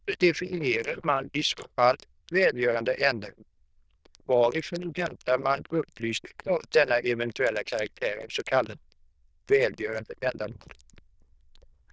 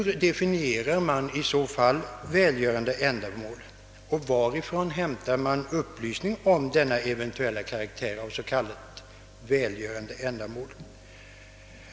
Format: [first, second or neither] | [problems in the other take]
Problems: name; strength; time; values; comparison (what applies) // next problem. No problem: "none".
second | noise reduction (neural diffusion model UNIVERSE++)